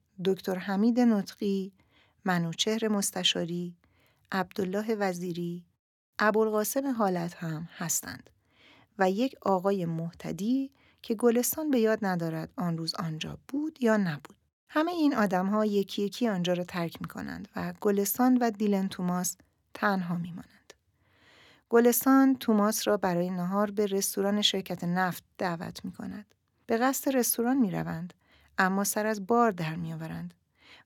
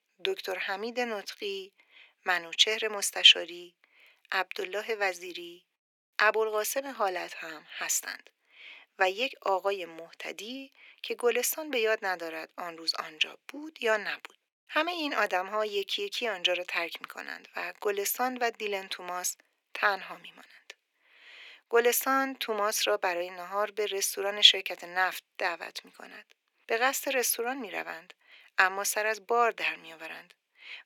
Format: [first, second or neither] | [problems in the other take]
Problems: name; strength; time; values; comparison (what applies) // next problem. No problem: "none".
first | thin; very; fading below 400 Hz